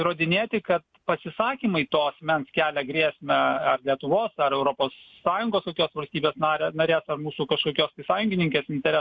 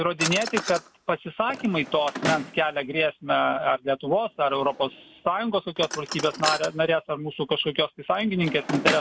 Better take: first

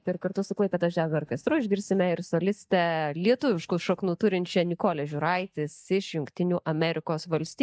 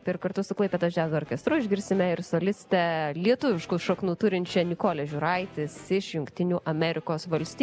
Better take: second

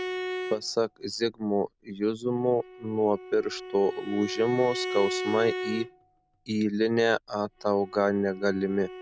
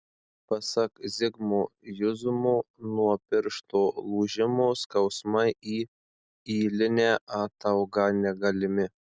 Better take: second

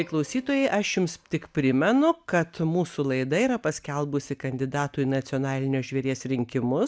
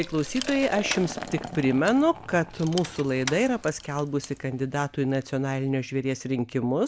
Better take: first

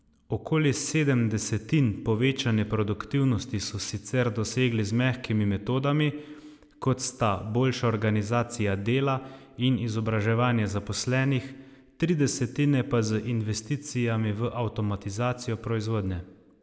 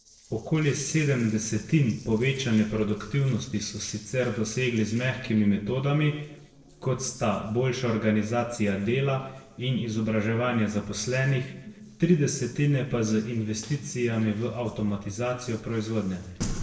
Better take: first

